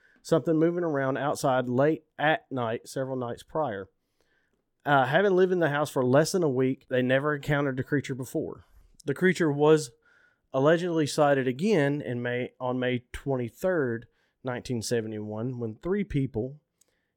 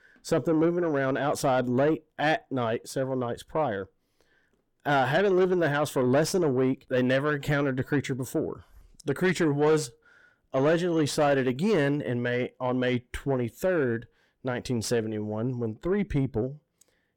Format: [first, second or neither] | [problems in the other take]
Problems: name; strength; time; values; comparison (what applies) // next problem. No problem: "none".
first | distortion; slight; 10 dB below the speech